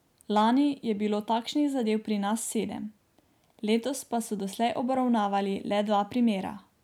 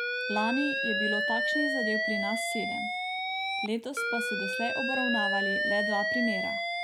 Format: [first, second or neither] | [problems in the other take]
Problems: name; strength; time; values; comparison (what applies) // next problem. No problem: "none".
first | background sound (Alarm); 3 dB above the speech